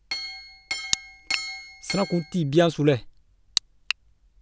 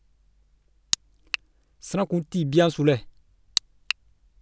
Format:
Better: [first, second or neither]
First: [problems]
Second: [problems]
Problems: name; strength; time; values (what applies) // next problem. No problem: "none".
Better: second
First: background sound (Chink, clink); 8 dB below the speech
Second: none